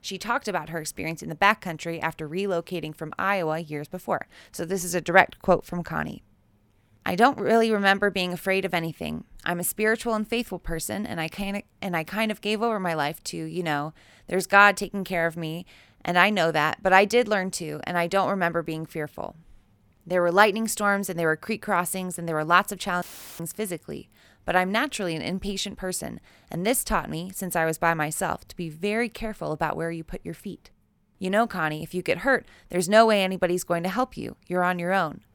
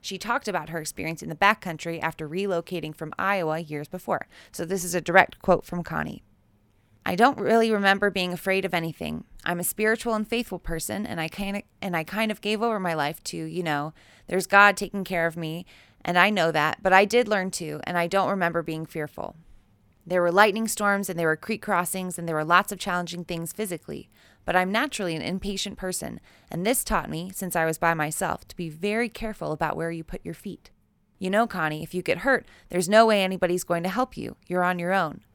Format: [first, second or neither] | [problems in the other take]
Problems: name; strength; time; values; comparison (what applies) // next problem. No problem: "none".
second | audio cutting out; filled with static; at 23 s